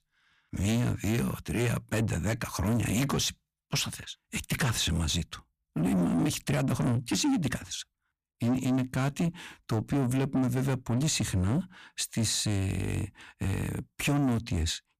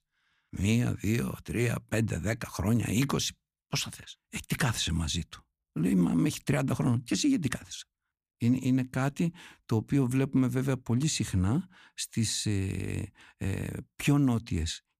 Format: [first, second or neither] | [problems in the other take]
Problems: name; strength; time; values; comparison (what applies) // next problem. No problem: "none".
second | distortion; slight; 10 dB below the speech